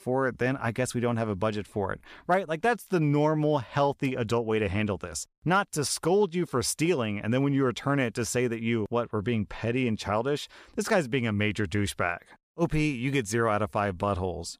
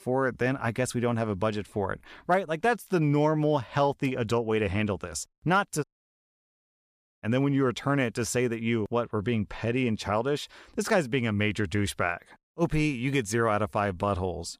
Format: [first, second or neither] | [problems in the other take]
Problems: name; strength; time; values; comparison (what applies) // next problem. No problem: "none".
first | audio cutting out; at 6 s for 1.5 s